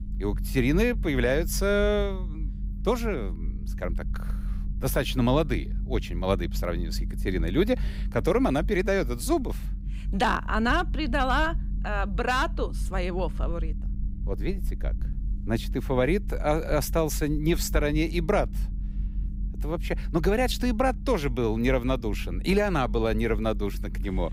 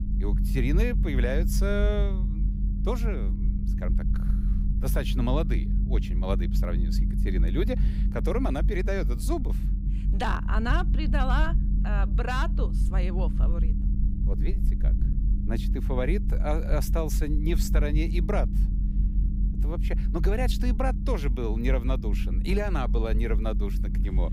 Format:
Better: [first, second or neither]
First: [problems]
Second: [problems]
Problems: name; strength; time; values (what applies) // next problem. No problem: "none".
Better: first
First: low rumble; faint; throughout; 20 dB below the speech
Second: low rumble; loud; throughout; 9 dB below the speech